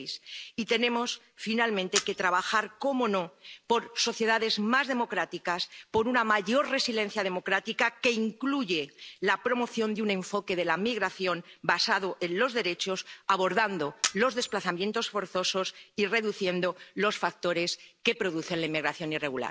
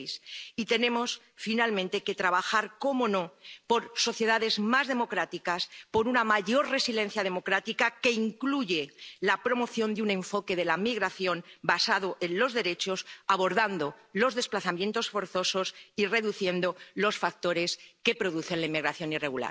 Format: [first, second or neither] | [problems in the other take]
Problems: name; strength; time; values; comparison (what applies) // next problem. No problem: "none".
second | background sound (Camera); 9 dB below the speech